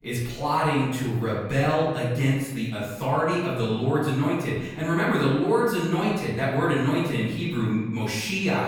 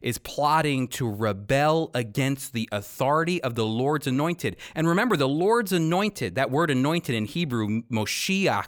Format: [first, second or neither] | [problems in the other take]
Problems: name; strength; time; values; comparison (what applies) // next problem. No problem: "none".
second | room echo; noticeable; dies away in 1 s // off-mic speech; far